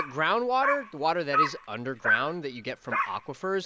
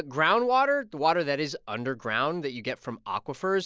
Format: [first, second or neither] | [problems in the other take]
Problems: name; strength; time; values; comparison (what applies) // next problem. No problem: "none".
second | background sound (Dog); 2 dB below the speech